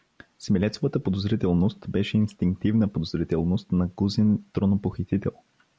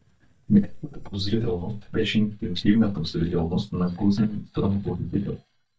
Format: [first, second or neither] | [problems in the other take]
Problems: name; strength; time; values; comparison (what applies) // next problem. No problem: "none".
first | noise reduction (neural mask model DeepFilterNet 3)